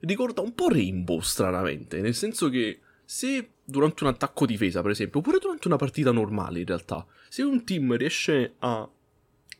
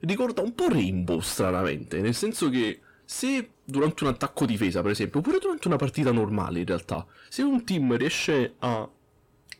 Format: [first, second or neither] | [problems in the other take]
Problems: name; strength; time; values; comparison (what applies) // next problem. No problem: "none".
first | distortion; slight; 10 dB below the speech